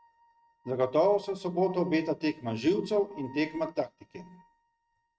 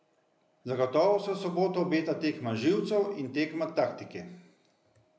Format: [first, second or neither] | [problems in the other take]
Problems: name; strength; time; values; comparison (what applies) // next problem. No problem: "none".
second | noise reduction (neural mask model RNNoise)